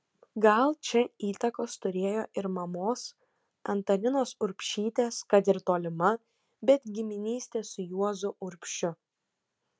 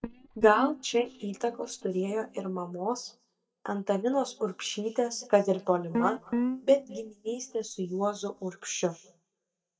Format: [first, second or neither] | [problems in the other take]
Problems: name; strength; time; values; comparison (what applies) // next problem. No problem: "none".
first | noise reduction (neural mask model DeepFilterNet 3)